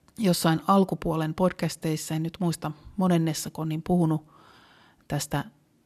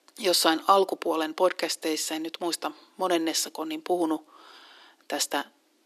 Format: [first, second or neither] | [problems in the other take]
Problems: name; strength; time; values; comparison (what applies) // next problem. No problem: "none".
first | thin; very; fading below 300 Hz